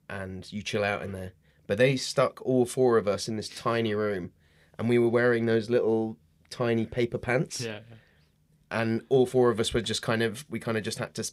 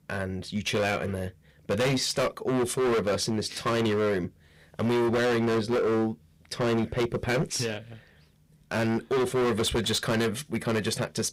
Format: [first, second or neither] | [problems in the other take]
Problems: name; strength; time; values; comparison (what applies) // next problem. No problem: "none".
first | distortion; heavy; 19% of the sound clipped